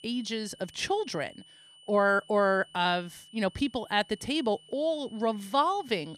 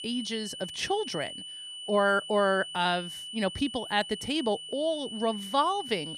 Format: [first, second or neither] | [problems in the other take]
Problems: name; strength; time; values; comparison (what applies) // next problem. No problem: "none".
first | high-pitched whine; loud; throughout; 3 kHz, 9 dB below the speech; faint in the first